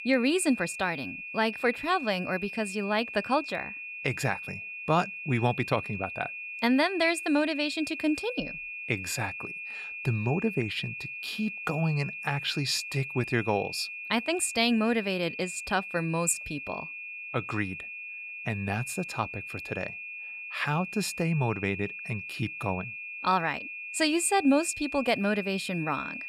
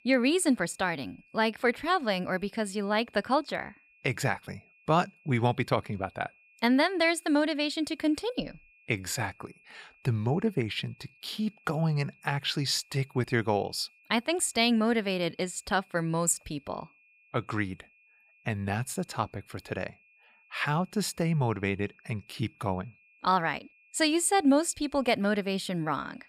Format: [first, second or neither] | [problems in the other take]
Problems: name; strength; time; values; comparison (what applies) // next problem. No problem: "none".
second | high-pitched whine; loud; throughout; 2.5 kHz, 7 dB below the speech; faint in the second